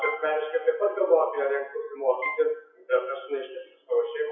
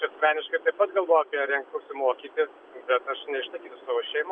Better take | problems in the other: second | noise reduction (classical method WPE with log-MMSE)

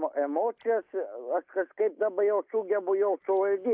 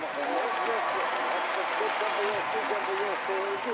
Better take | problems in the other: first | background sound (Applause / Crowd / Cheering); 5 dB above the speech

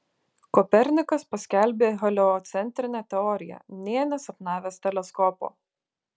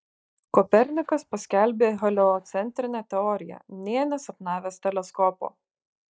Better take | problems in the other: first | noise reduction (neural mask model DeepFilterNet 3)

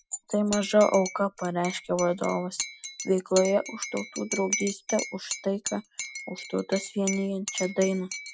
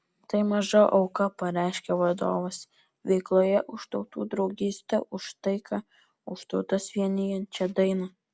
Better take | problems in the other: second | noise reduction (classical method Wiener filter)

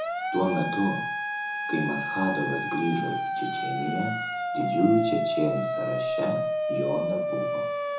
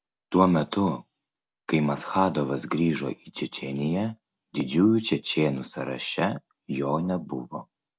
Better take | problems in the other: second | background sound (Siren); as loud as the speech // room echo; dies away in 0.5 s

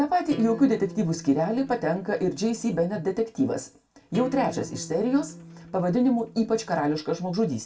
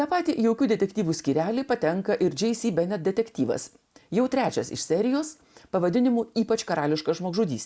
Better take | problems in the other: second | background sound (Acoustic guitar); 17 dB below the speech // room echo; dies away in 0.2 s

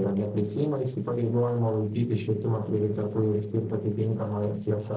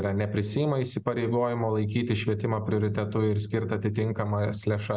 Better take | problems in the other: second | noise reduction (neural separator model SepFormer DNS4)

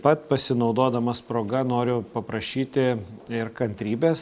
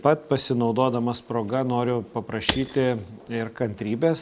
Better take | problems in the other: first | background sound (Shatter / Crushing); 10 dB below the speech

